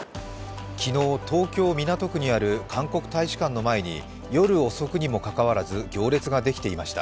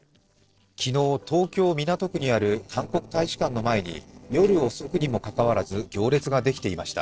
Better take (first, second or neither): first